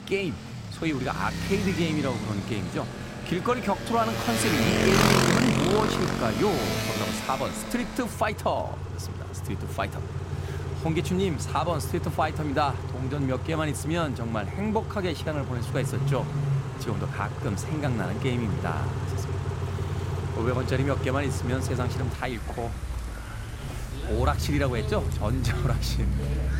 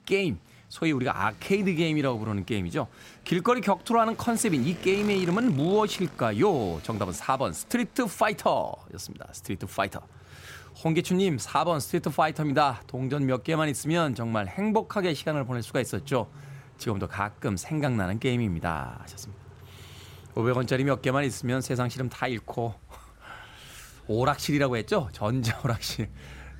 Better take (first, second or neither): second